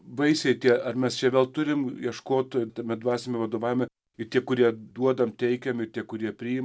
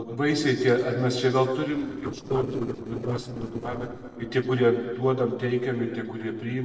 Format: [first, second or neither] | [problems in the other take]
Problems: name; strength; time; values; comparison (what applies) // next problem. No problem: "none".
first | noise reduction (neural separator model SepFormer DNS4)